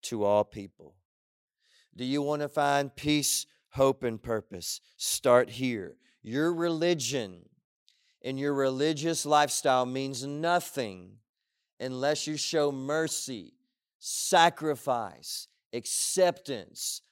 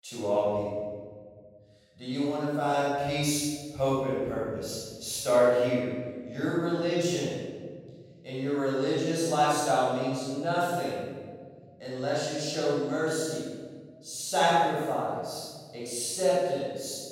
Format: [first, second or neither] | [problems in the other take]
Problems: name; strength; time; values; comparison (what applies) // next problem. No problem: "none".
first | room echo; strong; dies away in 1.6 s // off-mic speech; far